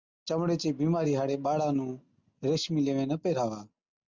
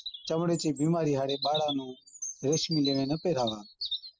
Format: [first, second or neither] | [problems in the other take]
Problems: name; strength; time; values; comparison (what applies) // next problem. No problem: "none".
first | noise reduction (classical method spectral subtraction)